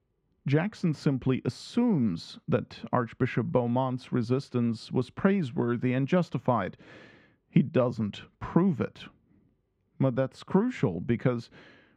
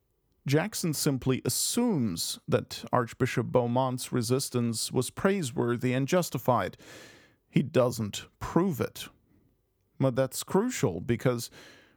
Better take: second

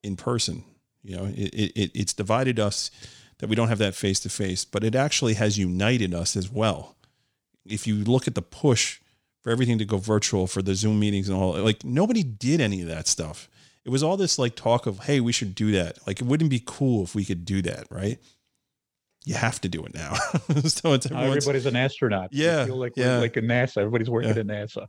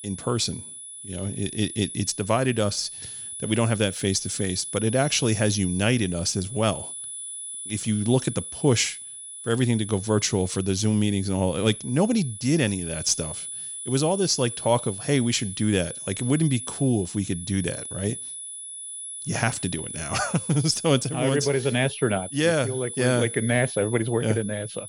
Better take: first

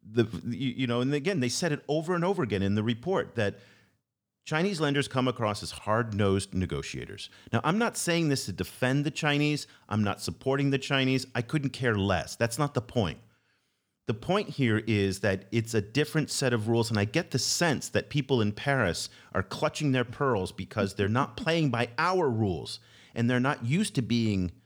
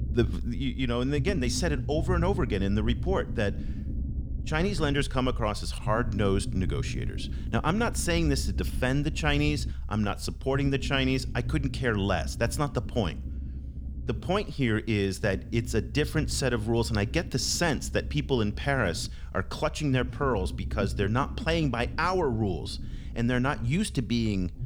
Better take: first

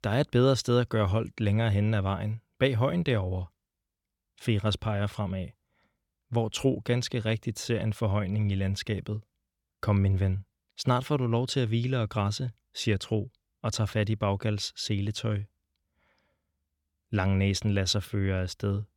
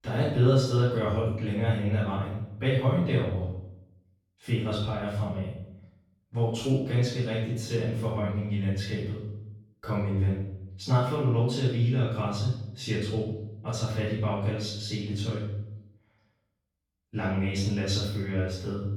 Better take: first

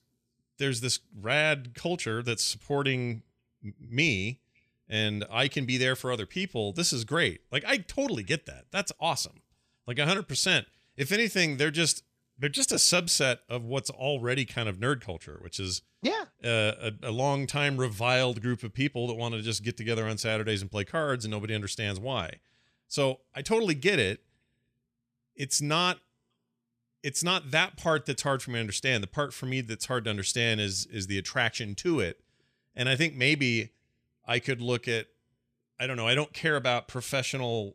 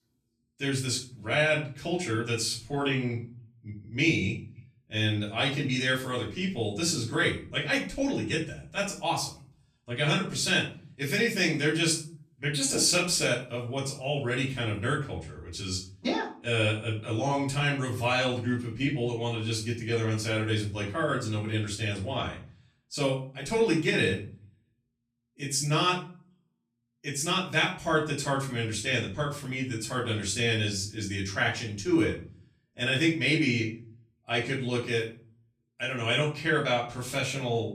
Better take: first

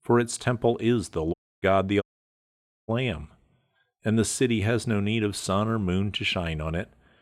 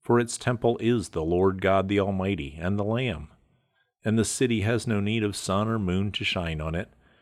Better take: second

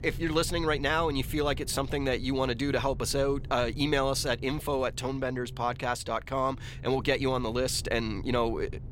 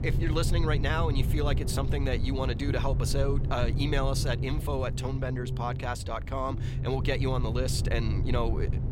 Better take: first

